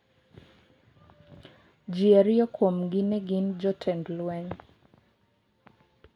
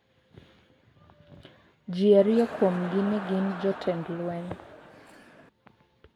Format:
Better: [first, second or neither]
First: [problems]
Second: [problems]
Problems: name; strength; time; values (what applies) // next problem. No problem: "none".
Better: first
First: none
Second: background sound (Crowd); 12 dB below the speech